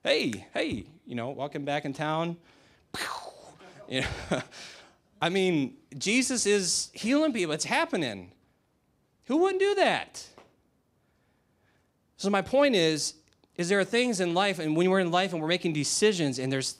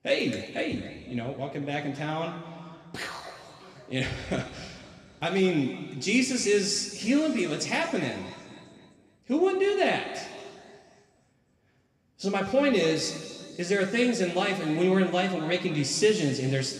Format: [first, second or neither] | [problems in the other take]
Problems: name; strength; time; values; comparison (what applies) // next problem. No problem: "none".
first | room echo; noticeable; dies away in 2.4 s // off-mic speech; somewhat distant